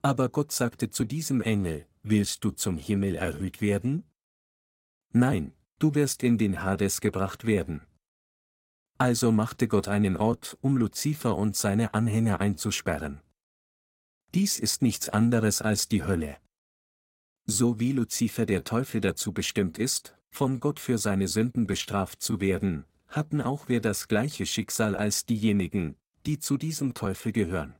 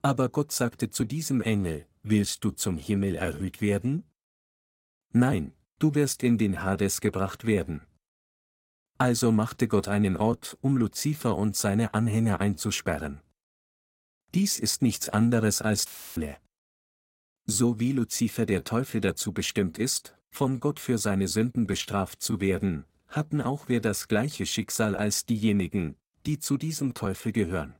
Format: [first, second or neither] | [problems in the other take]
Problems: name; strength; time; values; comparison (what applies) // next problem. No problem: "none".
first | audio cutting out; filled with static; at 16 s